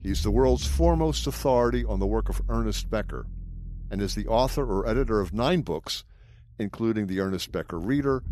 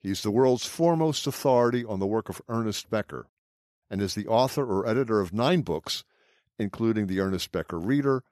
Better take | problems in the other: second | low rumble; faint; throughout; 25 dB below the speech

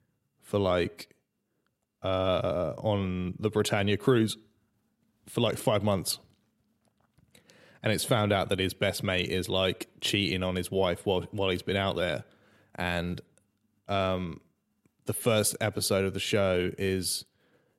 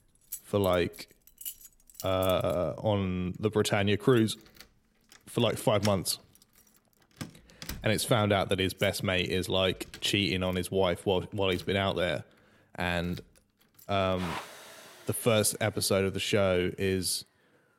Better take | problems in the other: first | household noises; noticeable; throughout; 15 dB below the speech

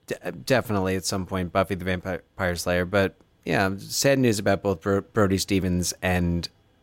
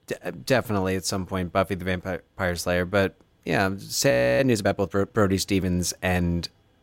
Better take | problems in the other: first | audio freezing; at 4 s

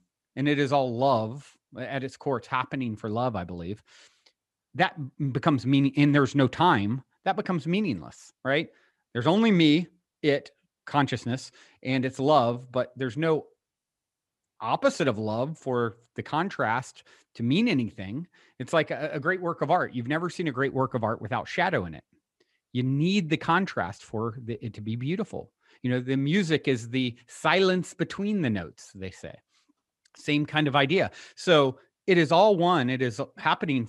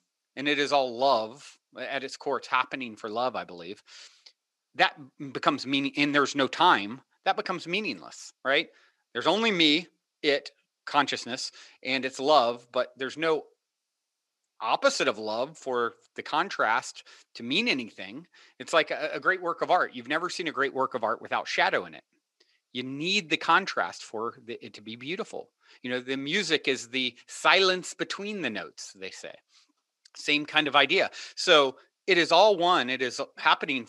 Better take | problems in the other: first | thin; somewhat; fading below 400 Hz

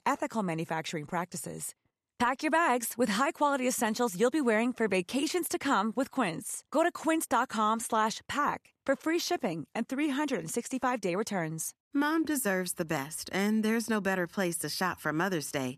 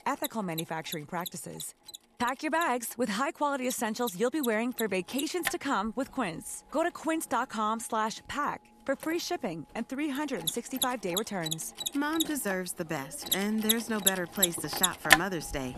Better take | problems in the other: first | machinery noise; very loud; throughout; 1 dB above the speech

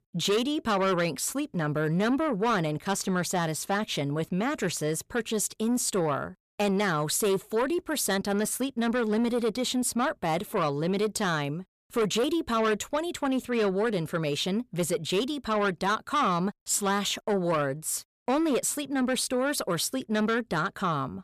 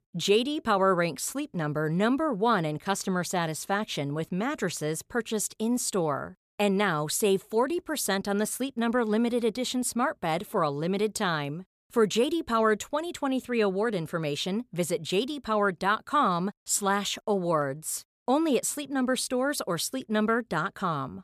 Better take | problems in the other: second | distortion; slight; 10 dB below the speech

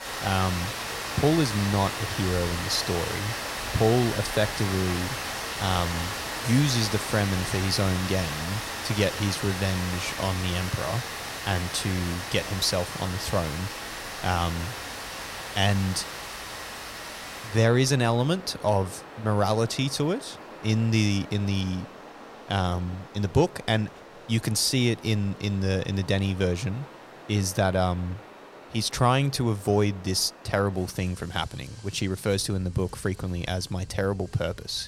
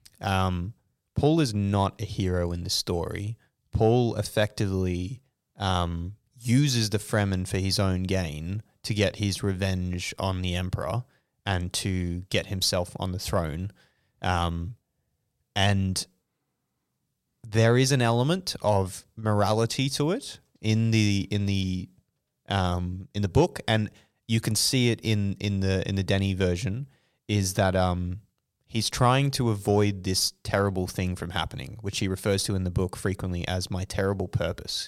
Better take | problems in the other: second | rain or running water; loud; throughout; 6 dB below the speech

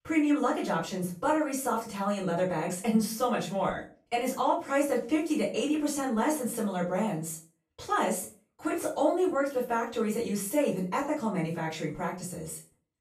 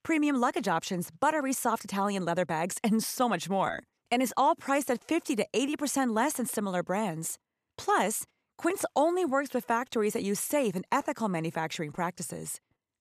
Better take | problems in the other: second | room echo; slight; dies away in 0.3 s // off-mic speech; far

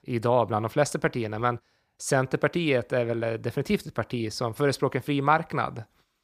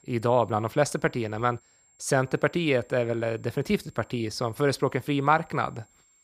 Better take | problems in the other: first | high-pitched whine; faint; throughout; 7.5 kHz, 35 dB below the speech

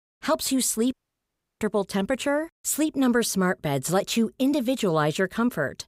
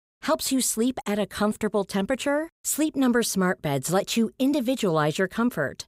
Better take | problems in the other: second | audio cutting out; at 1 s for 0.5 s

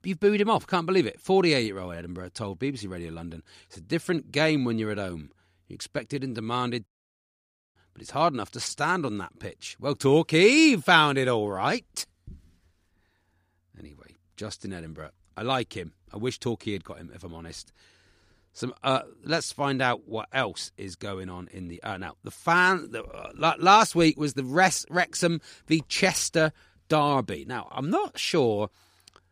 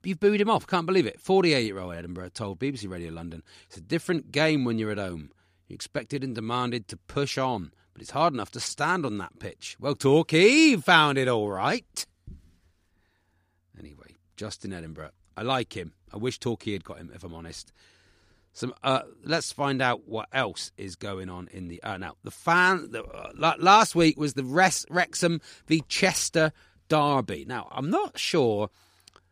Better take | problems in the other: second | audio cutting out; at 7 s for 1 s

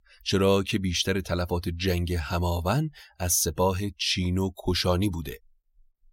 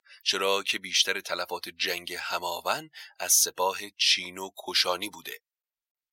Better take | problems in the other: first | thin; very; fading below 700 Hz

